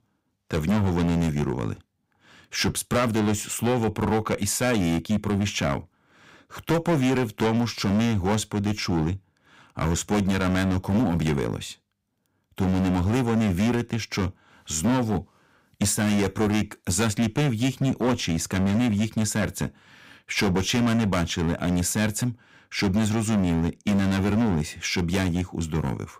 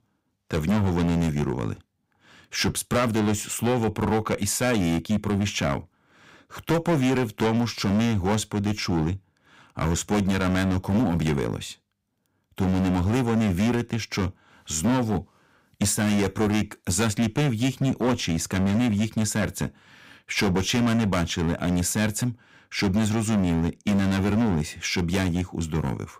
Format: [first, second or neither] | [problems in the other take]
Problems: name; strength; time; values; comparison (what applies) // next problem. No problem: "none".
neither | distortion; heavy; 13% of the sound clipped; the same in both